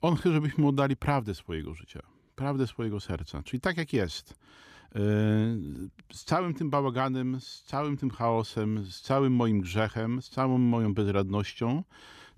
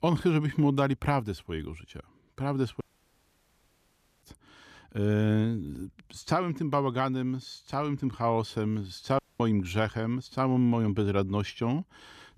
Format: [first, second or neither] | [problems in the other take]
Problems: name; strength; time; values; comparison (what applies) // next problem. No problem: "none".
first | audio cutting out; at 3 s for 1.5 s and at 9 s